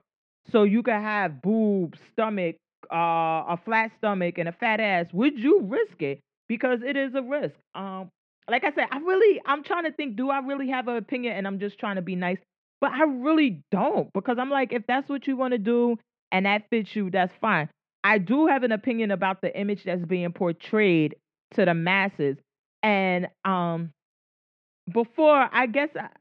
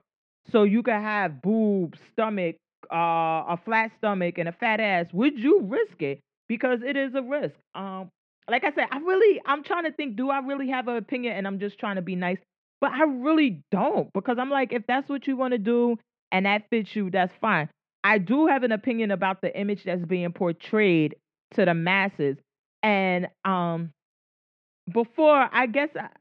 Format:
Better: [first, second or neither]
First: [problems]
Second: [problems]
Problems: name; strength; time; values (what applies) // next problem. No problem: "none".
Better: neither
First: muffled; very; fading above 2.5 kHz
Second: muffled; very; fading above 2.5 kHz